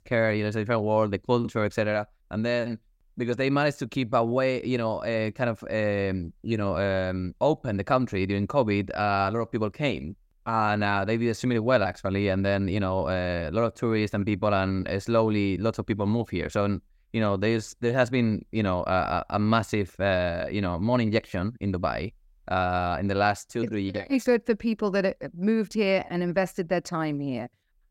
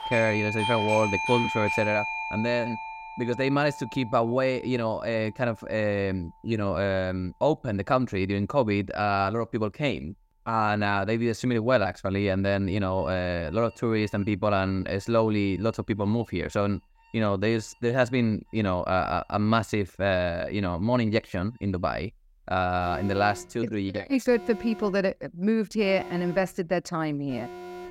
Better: first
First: none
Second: alarms or sirens; loud; throughout; 6 dB below the speech

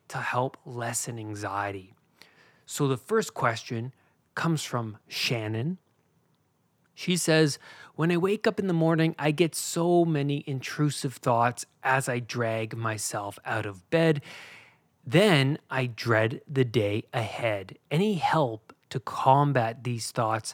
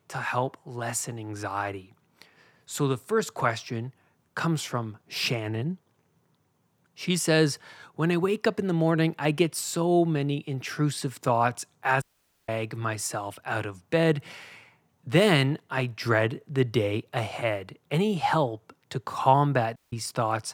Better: first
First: none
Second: audio cutting out; at 12 s and at 20 s

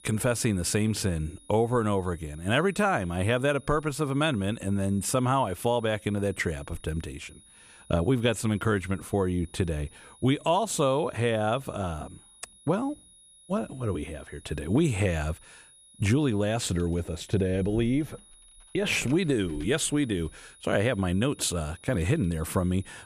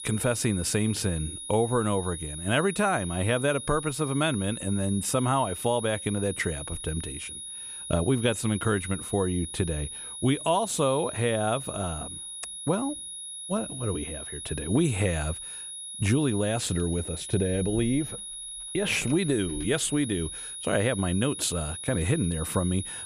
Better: first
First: high-pitched whine; faint; throughout; 10.5 kHz, 25 dB below the speech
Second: high-pitched whine; loud; throughout; 10.5 kHz, 8 dB below the speech

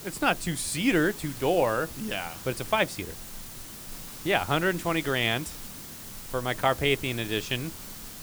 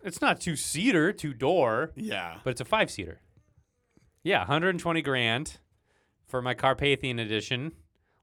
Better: second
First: hiss; noticeable; throughout; 10 dB below the speech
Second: none

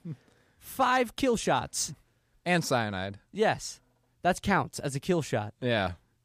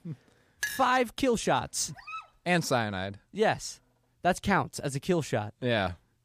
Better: first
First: none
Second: clattering dishes; noticeable; at 0.5 s; peak 6 dB below the speech // dog barking; faint; at 2 s; peak 10 dB below the speech

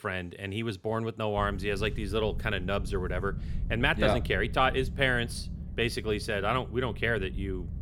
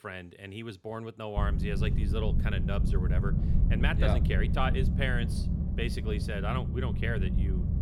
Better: first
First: low rumble; faint; from 1.5 s on; 20 dB below the speech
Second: low rumble; loud; from 1.5 s on; 7 dB below the speech

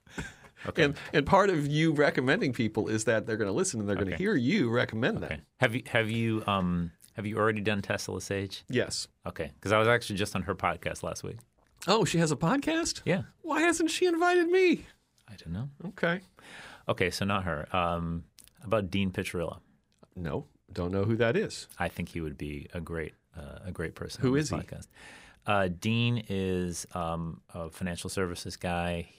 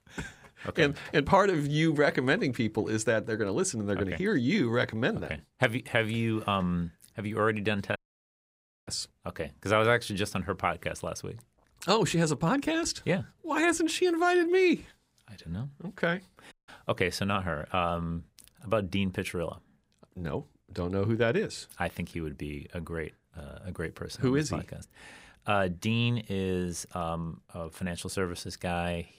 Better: first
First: none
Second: audio cutting out; at 8 s for 1 s and at 17 s

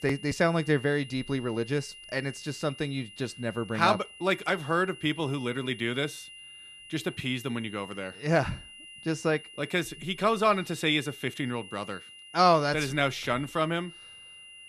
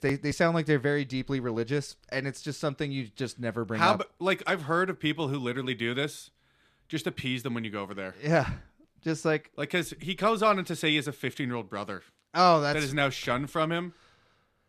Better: second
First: high-pitched whine; noticeable; throughout; 3 kHz, 15 dB below the speech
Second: none

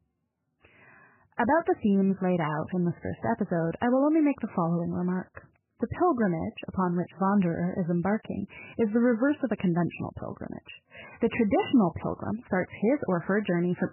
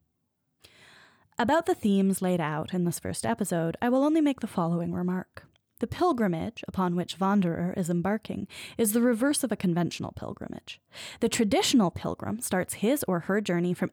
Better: second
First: garbled, watery; badly; nothing above 3 kHz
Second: none

